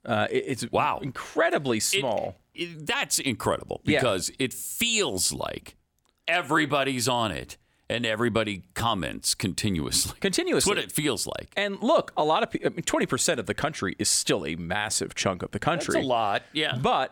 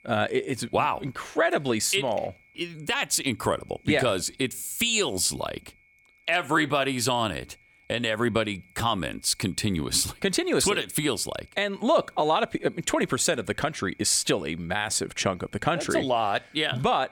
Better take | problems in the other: first | high-pitched whine; faint; throughout; 2 kHz, 30 dB below the speech

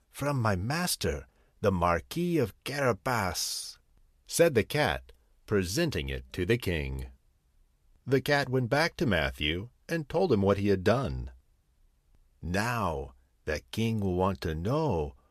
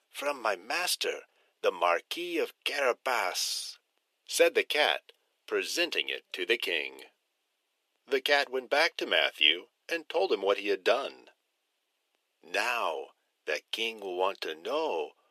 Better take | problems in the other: first | thin; very; fading below 350 Hz

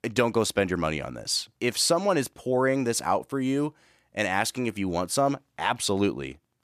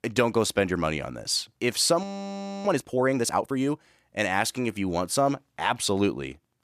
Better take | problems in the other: first | audio freezing; at 2 s for 0.5 s

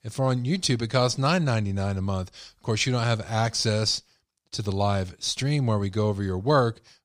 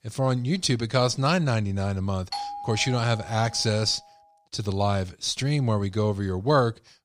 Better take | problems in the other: first | doorbell; noticeable; from 2.5 to 4 s; peak 7 dB below the speech

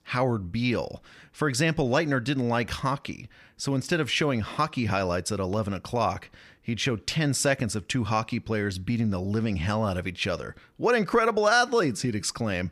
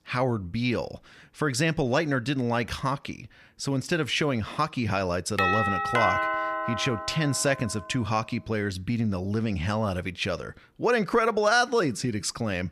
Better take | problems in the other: first | doorbell; loud; from 5.5 to 7.5 s; peak 3 dB above the speech

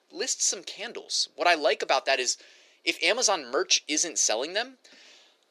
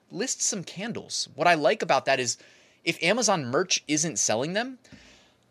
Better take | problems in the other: second | thin; somewhat; fading below 350 Hz

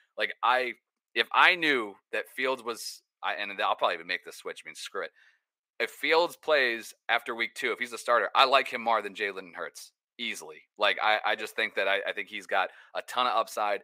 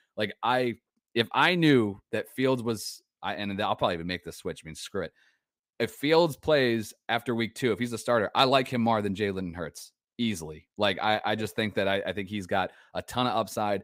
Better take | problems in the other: second | thin; very; fading below 550 Hz

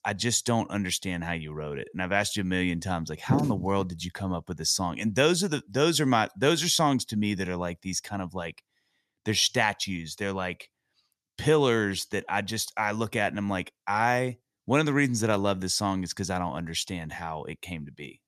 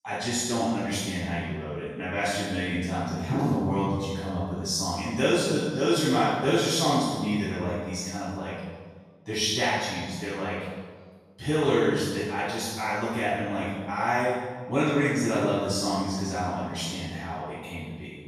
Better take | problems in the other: first | off-mic speech; far // room echo; strong; dies away in 1.3 s

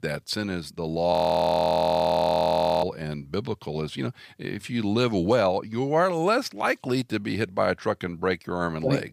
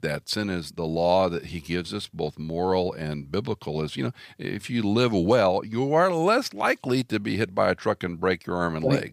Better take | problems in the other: second | audio freezing; at 1 s for 1.5 s

